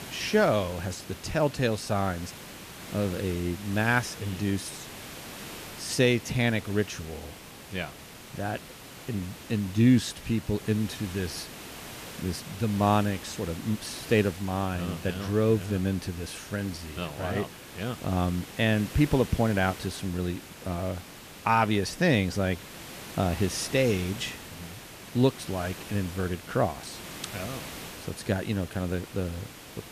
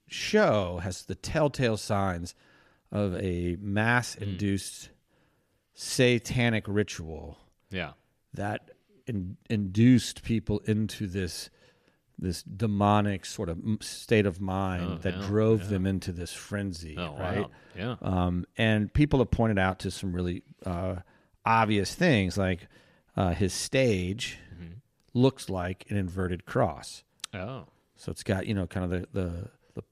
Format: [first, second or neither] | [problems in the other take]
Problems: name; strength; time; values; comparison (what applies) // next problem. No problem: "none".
second | hiss; noticeable; throughout; 15 dB below the speech